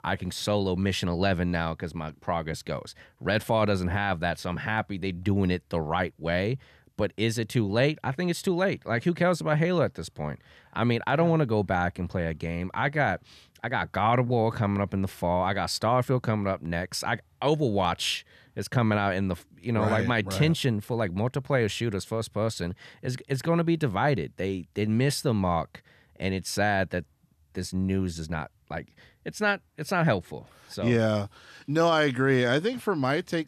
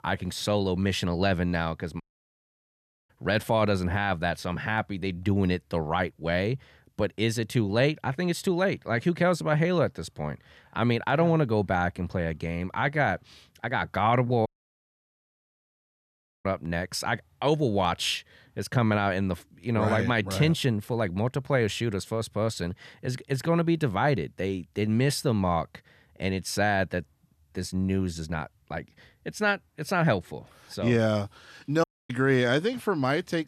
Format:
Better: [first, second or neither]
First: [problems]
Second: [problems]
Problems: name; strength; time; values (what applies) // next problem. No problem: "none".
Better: first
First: none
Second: audio cutting out; at 2 s for 1 s, at 14 s for 2 s and at 32 s